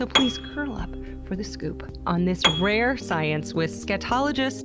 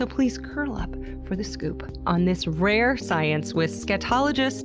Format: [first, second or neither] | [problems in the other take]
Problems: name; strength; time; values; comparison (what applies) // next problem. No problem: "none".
second | background sound (Piano); 6 dB below the speech